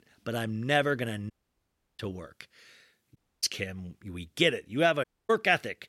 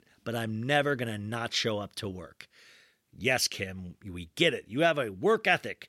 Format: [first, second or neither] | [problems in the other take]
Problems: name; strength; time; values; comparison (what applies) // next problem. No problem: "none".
second | audio cutting out; at 1.5 s for 0.5 s, at 3 s and at 5 s